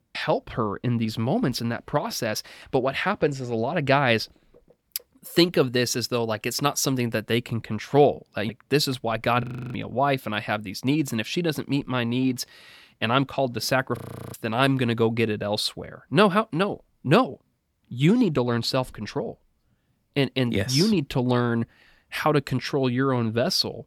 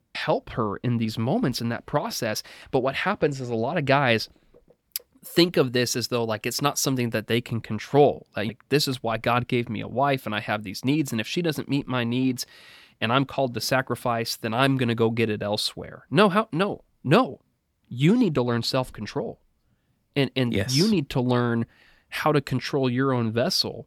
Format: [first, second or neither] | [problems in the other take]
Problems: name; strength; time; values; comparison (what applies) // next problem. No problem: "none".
second | audio freezing; at 9.5 s and at 14 s